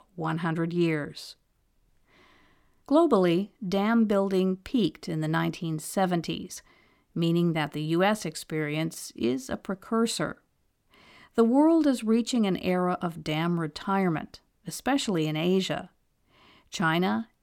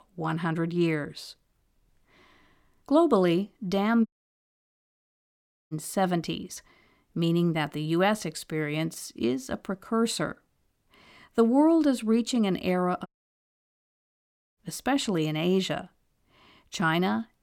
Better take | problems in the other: first | audio cutting out; at 4 s for 1.5 s and at 13 s for 1.5 s

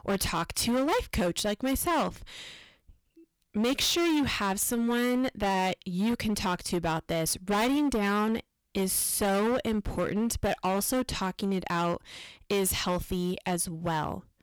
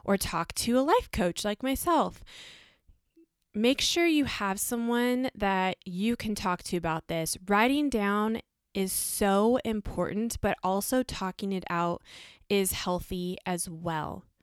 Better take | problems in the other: second | distortion; heavy; 15% of the sound clipped

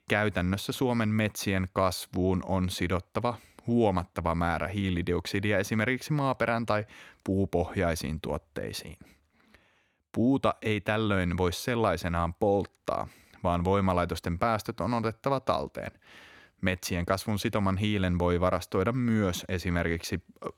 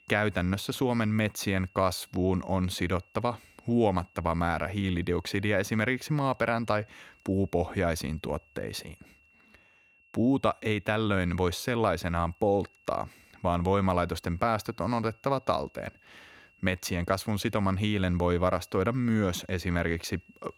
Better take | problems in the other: first | high-pitched whine; faint; throughout; 2.5 kHz, 30 dB below the speech

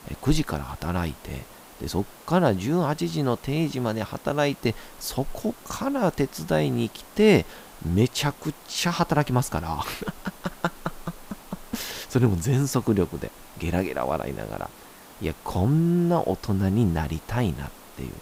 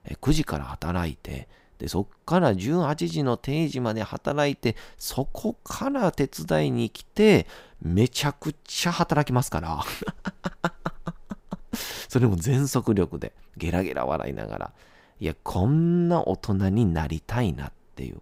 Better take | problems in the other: second | hiss; faint; throughout; 20 dB below the speech

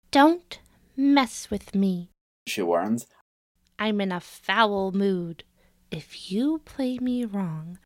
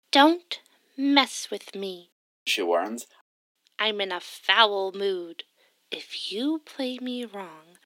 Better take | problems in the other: first | thin; very slightly; fading below 250 Hz

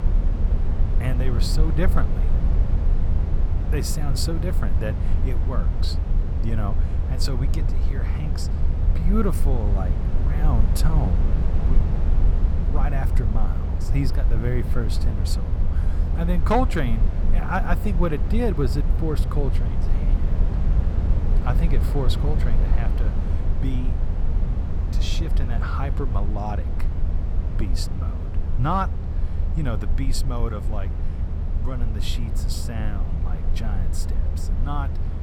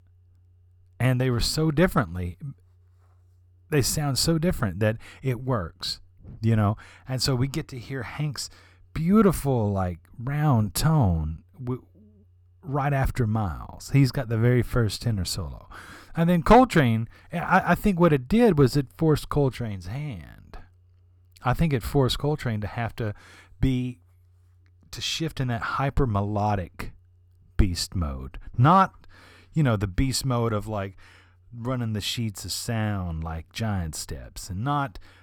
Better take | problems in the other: second | low rumble; loud; throughout; 7 dB below the speech

